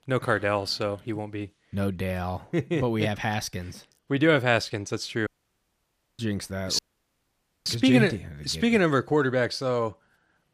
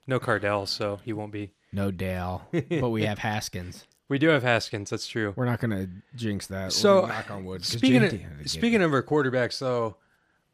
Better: second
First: audio cutting out; at 5.5 s for 1 s and at 7 s for 1 s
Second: none

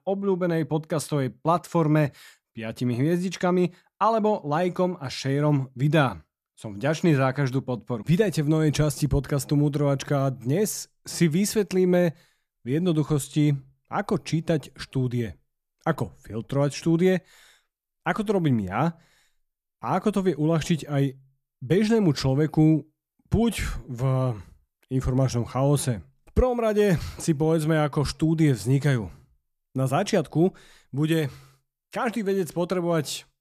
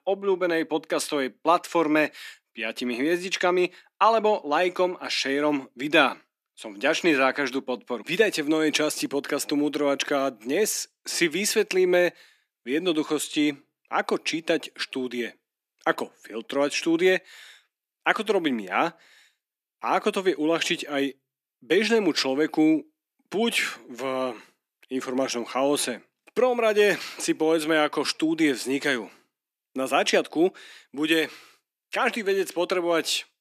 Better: first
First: none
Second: thin; somewhat; fading below 250 Hz

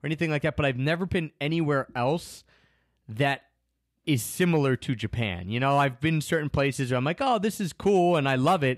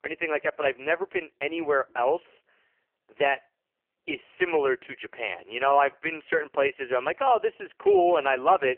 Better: first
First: none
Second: phone-call audio; poor line; nothing above 3 kHz

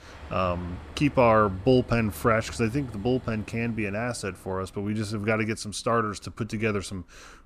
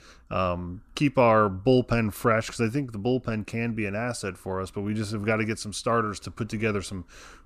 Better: second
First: train or aircraft noise; noticeable; throughout; 20 dB below the speech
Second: none

